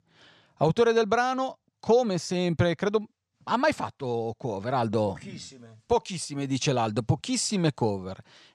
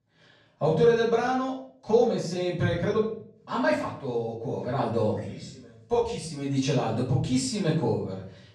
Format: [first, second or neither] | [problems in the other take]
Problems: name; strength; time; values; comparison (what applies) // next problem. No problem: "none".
first | off-mic speech; far // room echo; noticeable; dies away in 0.6 s